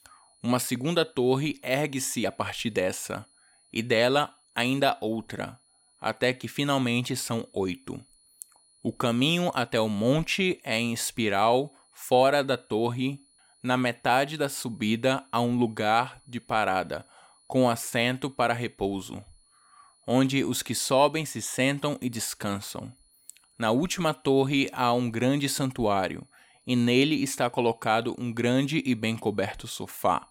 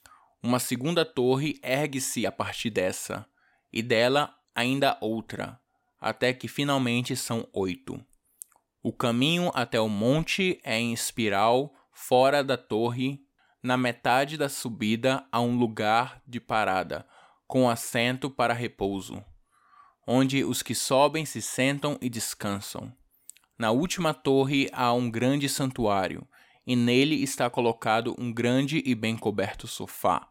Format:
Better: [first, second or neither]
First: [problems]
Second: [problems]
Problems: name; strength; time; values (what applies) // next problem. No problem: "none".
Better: second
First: high-pitched whine; faint; throughout; 10 kHz, 35 dB below the speech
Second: none